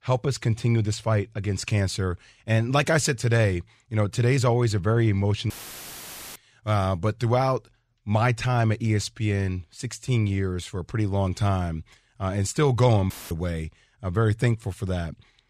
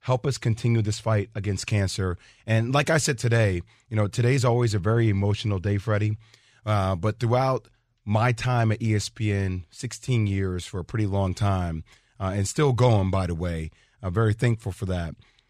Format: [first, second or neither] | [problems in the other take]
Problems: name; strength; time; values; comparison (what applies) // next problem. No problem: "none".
second | audio cutting out; filled with static; at 5.5 s for 1 s and at 13 s